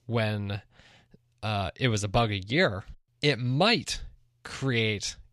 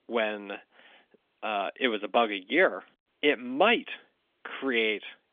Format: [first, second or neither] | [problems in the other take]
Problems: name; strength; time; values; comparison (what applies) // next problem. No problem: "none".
first | phone-call audio; nothing above 3.5 kHz